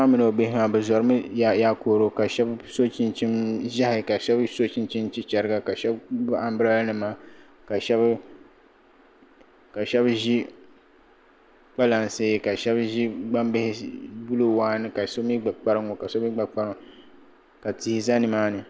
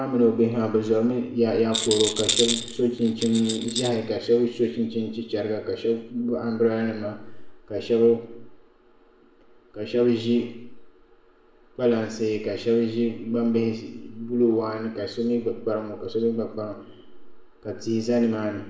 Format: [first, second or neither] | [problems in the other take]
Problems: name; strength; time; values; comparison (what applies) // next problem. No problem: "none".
first | background sound (Rattle); 4 dB below the speech // room echo; dies away in 0.7 s